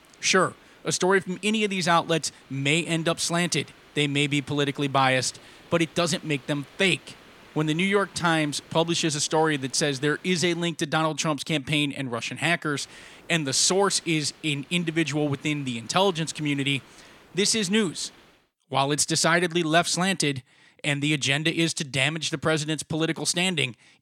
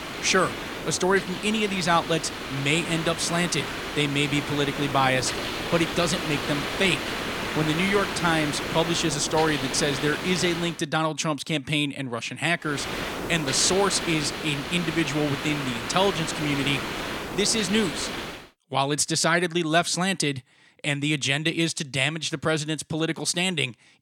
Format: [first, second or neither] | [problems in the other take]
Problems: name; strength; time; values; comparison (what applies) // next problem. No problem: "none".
first | hiss; loud; until 11 s and from 13 to 18 s; 6 dB below the speech; faint in the first